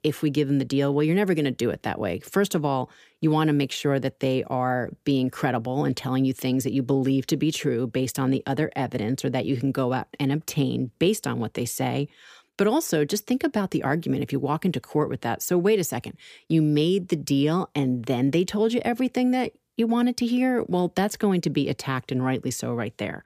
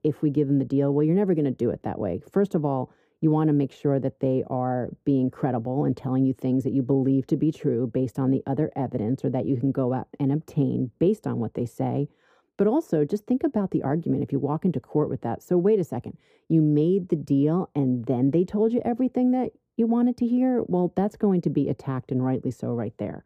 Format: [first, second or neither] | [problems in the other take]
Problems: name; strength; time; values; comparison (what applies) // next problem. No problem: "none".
first | muffled; very; fading above 1.5 kHz